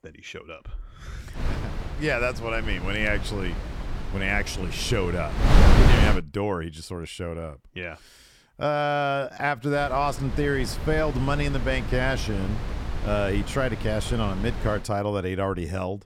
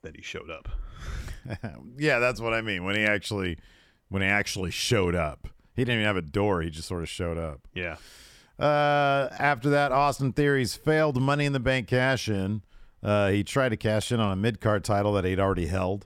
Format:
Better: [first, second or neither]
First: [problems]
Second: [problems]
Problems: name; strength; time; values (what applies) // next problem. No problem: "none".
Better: second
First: wind noise on the microphone; heavy; from 1.5 to 6 s and from 10 to 15 s; 6 dB below the speech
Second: none